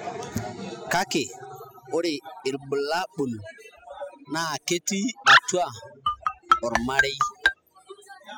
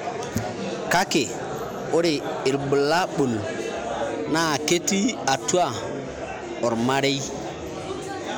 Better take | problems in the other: second | noise reduction (classical method spectral subtraction)

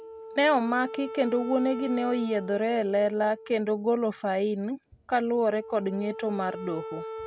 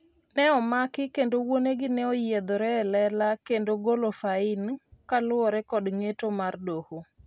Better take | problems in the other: second | background sound (Wind instrument, woodwind instrument); 13 dB below the speech

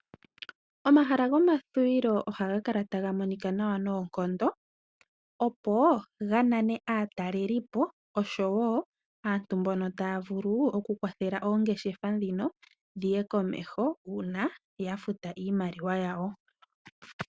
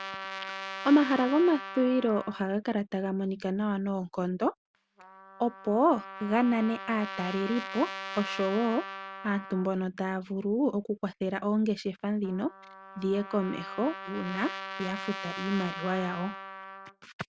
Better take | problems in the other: first | background sound (Trumpet); 12 dB below the speech

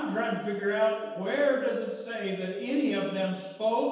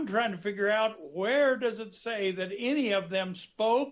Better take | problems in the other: second | room echo; dies away in 1.2 s

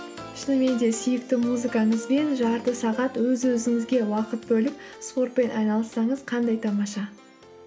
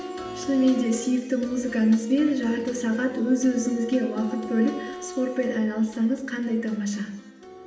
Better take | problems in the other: first | background sound (Wind instrument, woodwind instrument); 17 dB below the speech // room echo; dies away in 0.9 s

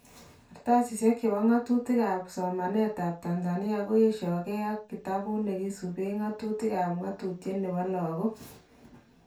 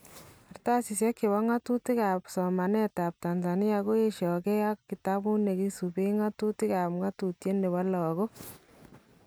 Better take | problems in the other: second | room echo; dies away in 0.2 s

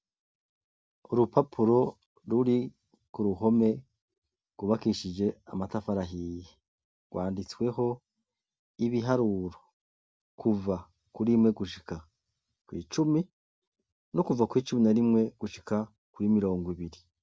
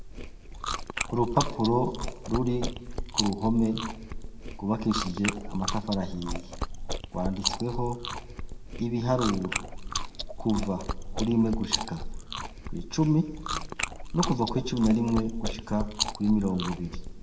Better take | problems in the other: first | background sound (Chewing, mastication); 4 dB below the speech // room echo; dies away in 1.2 s

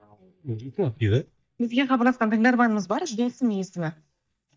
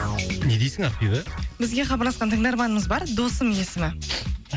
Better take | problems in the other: second | noise reduction (neural mask model DeepFilterNet 3)

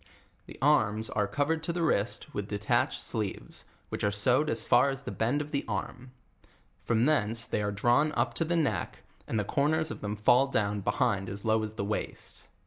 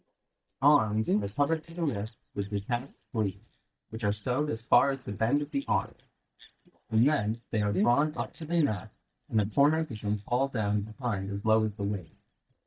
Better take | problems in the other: first | noise reduction (neural mask model DeepFilterNet 3)

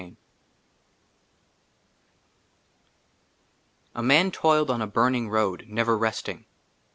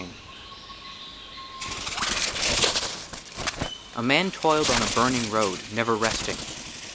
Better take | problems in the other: first | background sound (Bird); 2 dB below the speech

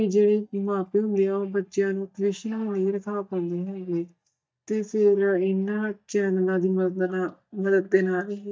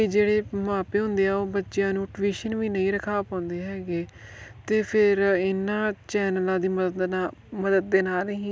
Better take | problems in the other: second | noise reduction (neural mask model DeepFilterNet 3)

